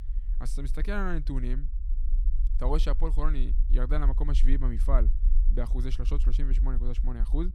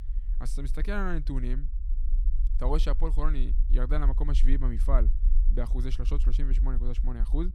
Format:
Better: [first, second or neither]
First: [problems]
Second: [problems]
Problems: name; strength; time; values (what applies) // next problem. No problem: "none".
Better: neither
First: low rumble; noticeable; throughout; 15 dB below the speech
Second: low rumble; noticeable; throughout; 15 dB below the speech